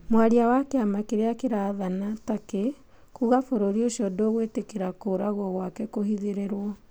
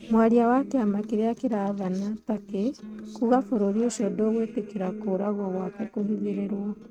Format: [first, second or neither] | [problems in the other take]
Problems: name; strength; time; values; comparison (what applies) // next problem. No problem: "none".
first | noise reduction (neural mask model RNNoise)